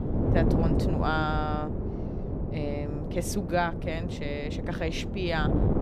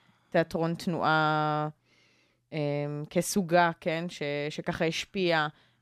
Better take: second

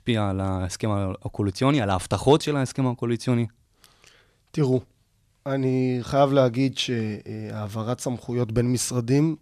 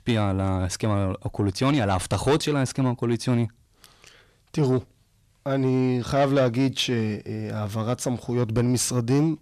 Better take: first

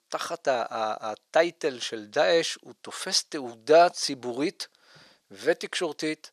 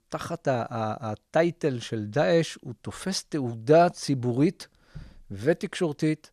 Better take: second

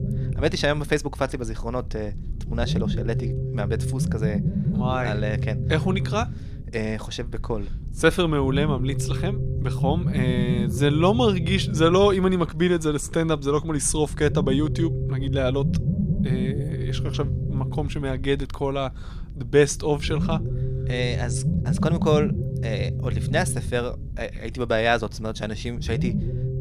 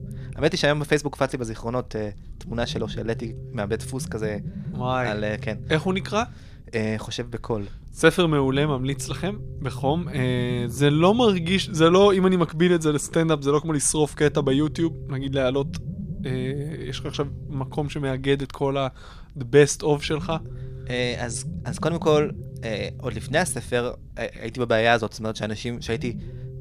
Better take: second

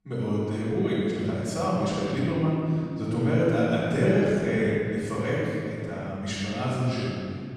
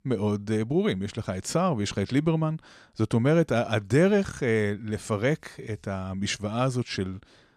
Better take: second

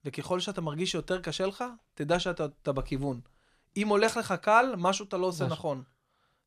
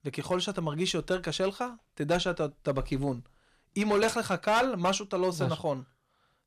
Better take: first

